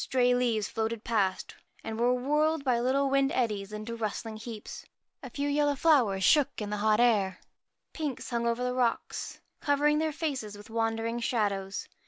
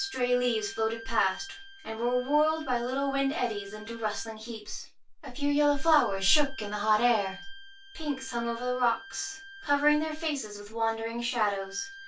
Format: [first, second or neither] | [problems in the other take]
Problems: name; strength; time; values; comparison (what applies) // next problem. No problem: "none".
first | background sound (Wind instrument, woodwind instrument); 19 dB below the speech // room echo; dies away in 0.1 s